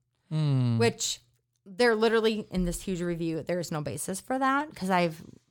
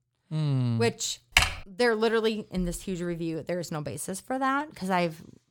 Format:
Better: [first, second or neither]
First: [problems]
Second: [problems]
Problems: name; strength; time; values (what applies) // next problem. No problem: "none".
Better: first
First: none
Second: keyboard typing; loud; at 1.5 s; peak 6 dB above the speech